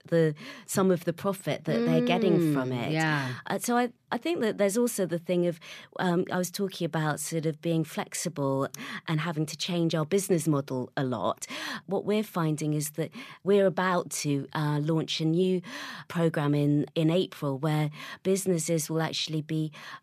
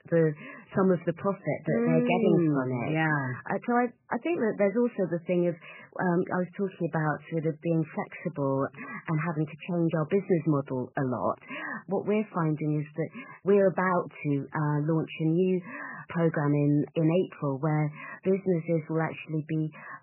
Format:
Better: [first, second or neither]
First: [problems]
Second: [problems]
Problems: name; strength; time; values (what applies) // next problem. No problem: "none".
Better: first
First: none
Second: garbled, watery; badly; nothing above 3 kHz